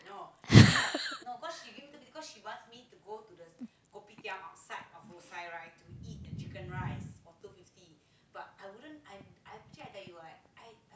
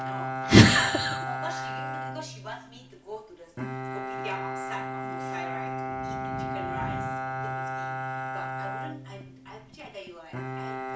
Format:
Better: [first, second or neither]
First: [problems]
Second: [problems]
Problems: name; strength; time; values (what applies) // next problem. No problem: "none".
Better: first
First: none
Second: background sound (Bowed string instrument); 4 dB below the speech // room echo; dies away in 0.6 s